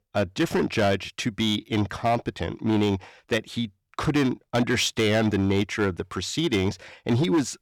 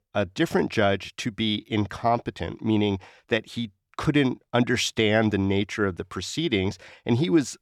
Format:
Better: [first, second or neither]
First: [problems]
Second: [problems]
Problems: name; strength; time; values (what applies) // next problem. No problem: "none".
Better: second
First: distortion; slight; 8% of the sound clipped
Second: none